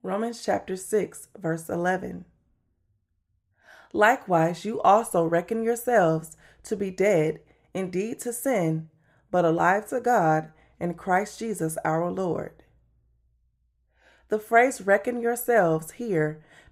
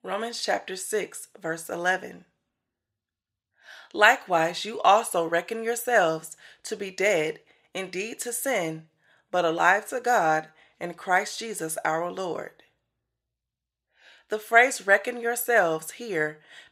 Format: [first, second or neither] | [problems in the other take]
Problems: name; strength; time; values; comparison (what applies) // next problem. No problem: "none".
first | thin; somewhat; fading below 700 Hz